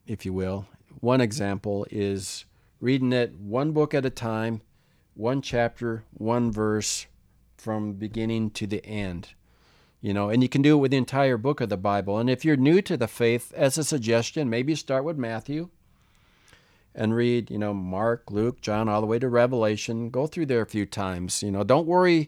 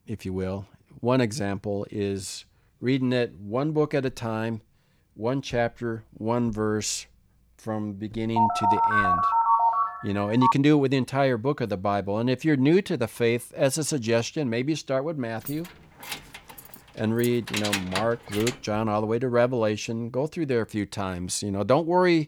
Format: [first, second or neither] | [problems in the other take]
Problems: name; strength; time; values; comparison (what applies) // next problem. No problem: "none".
first | phone ringing; loud; from 8.5 to 11 s; peak 6 dB above the speech // jangling keys; noticeable; from 15 to 19 s; peak 1 dB below the speech